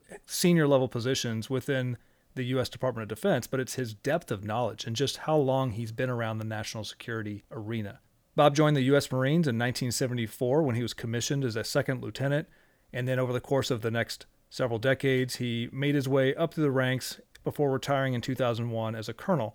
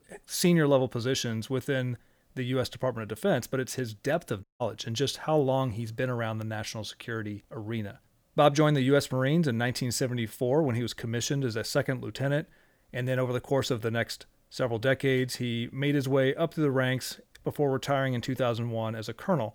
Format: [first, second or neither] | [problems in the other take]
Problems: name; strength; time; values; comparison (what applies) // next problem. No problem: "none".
first | audio cutting out; at 4.5 s